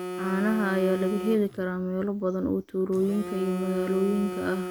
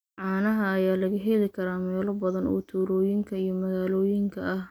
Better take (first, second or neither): second